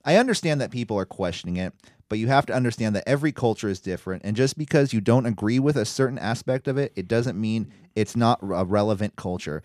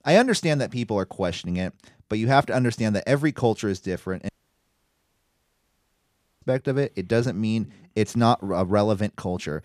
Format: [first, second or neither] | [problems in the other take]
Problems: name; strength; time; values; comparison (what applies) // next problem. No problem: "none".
first | audio cutting out; at 4.5 s for 2 s